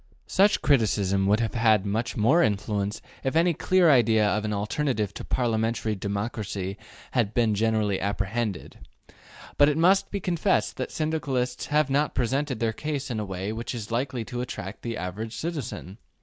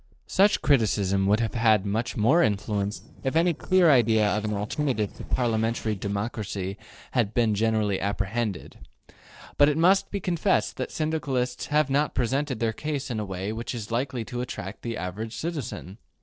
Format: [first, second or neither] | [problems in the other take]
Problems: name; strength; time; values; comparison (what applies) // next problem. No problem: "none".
first | noise reduction (neural separator model SepFormer DNS4)